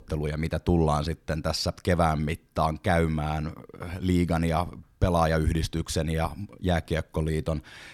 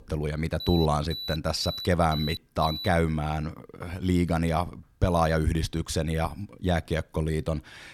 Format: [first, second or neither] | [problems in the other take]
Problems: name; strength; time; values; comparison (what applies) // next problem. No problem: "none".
first | alarm; noticeable; from 0.5 to 3 s; peak 7 dB below the speech